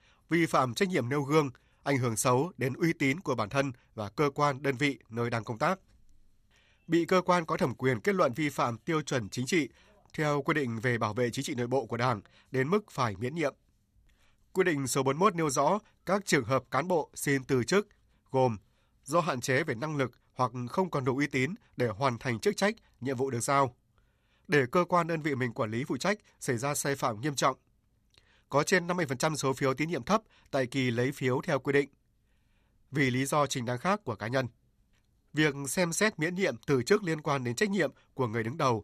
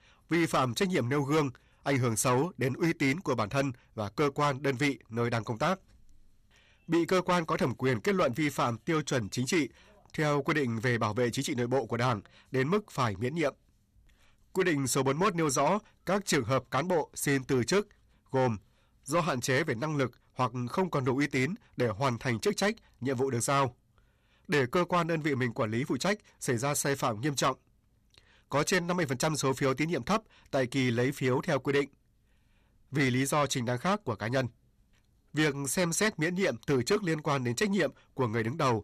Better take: first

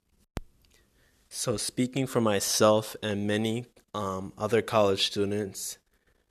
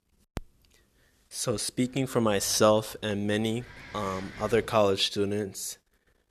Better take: first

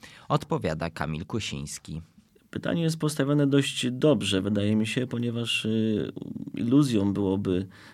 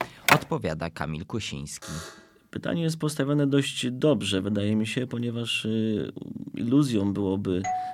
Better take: first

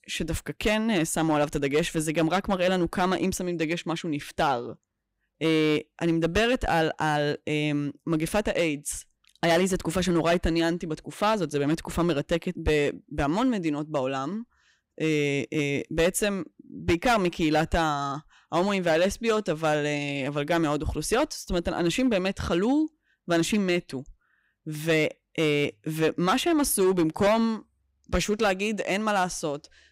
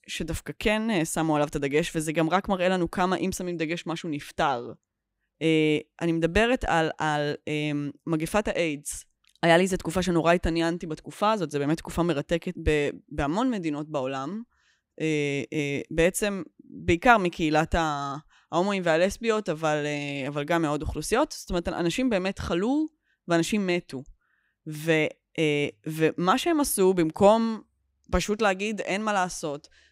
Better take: second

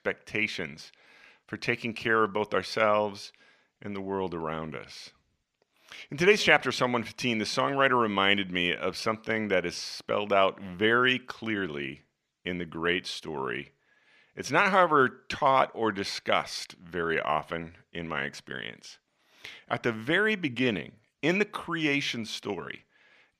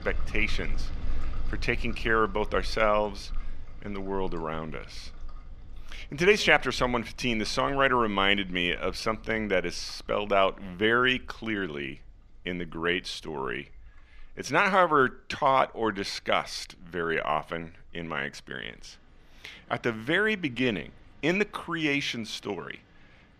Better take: first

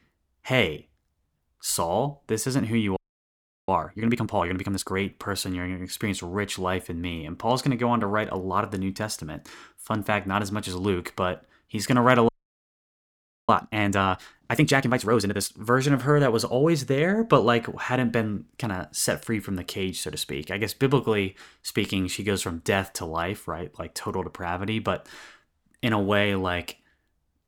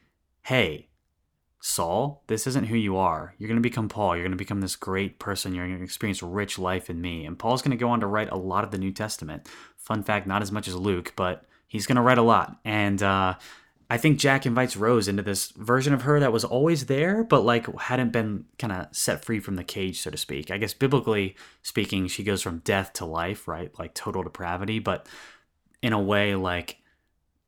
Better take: second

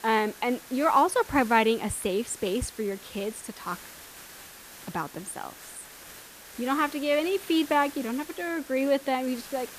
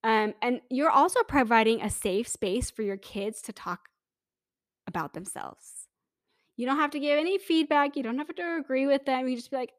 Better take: second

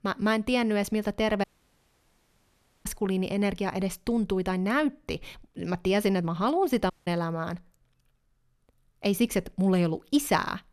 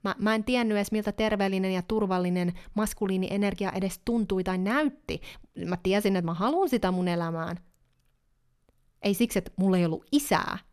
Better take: second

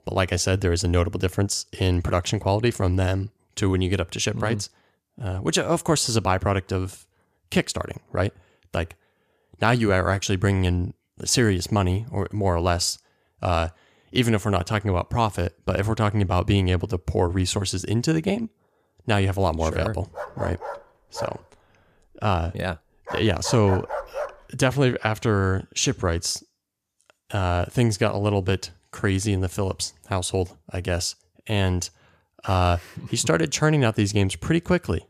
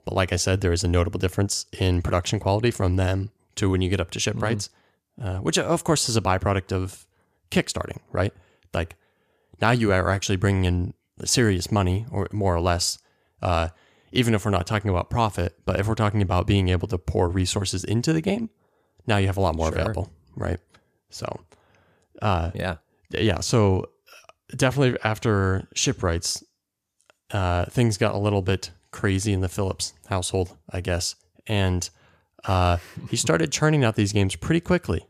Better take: second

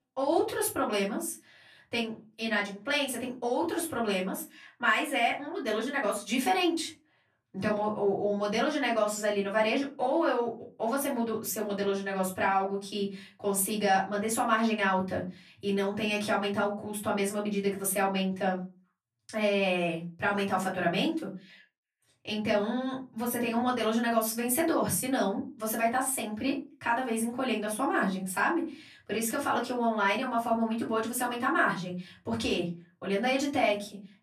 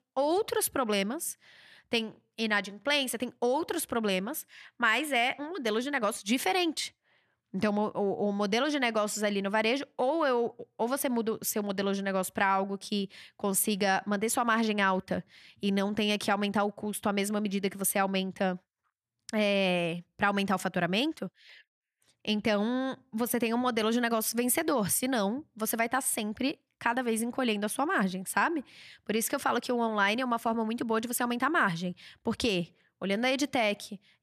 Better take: second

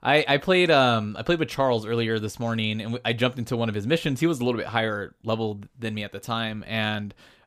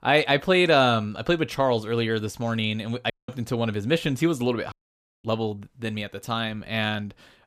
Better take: first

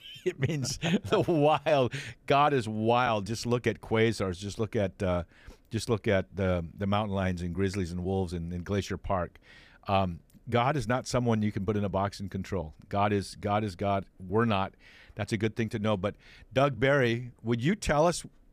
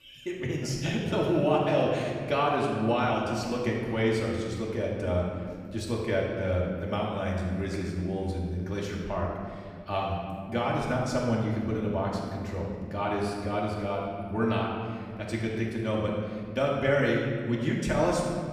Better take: first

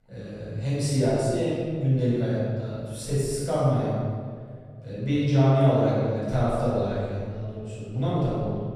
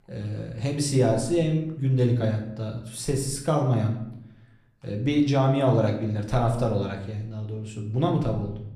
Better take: second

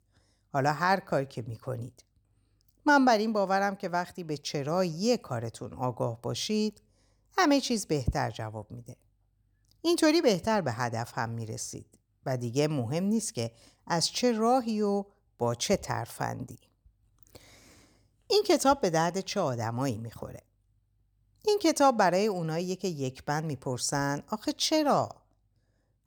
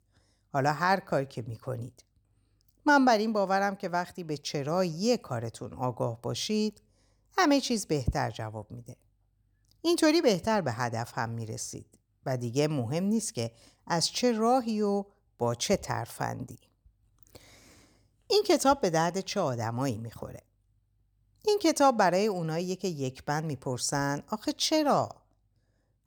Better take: neither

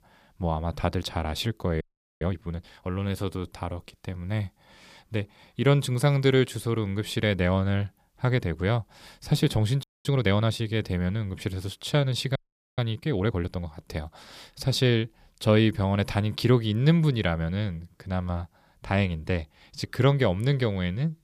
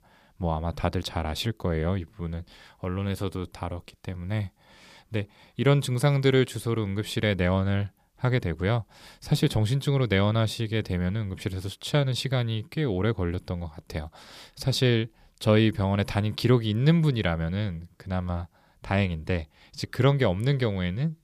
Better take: second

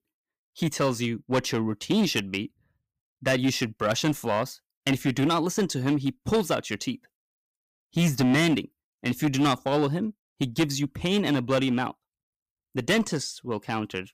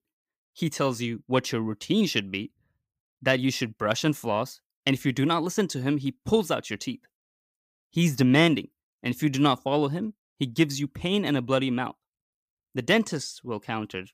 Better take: second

